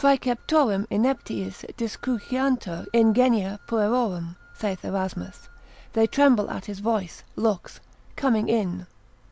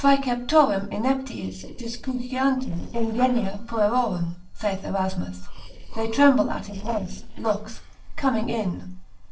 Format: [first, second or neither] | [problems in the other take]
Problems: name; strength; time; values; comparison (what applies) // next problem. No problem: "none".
first | noise reduction (neural separator model SepFormer DNS4)